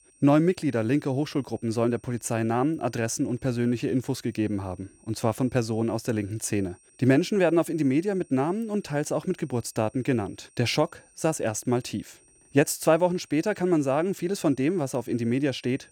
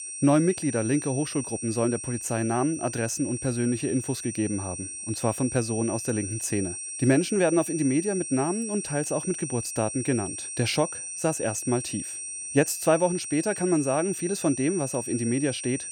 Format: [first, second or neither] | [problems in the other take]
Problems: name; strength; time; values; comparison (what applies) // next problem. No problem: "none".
first | high-pitched whine; loud; throughout; 8.5 kHz, 6 dB below the speech; faint in the first